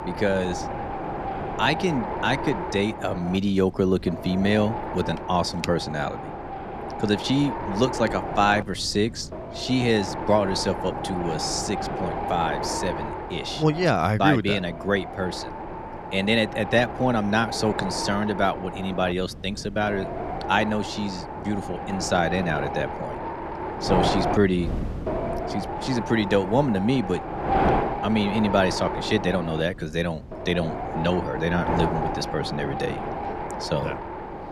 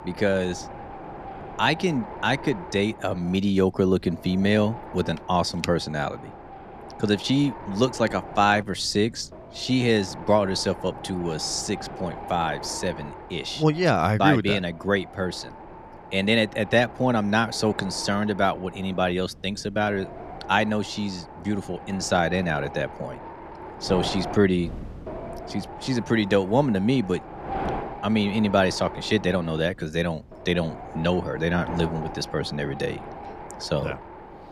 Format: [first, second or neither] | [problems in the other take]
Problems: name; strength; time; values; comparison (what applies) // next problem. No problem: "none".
second | wind noise on the microphone; heavy; 4 dB below the speech; occasional gusts in the second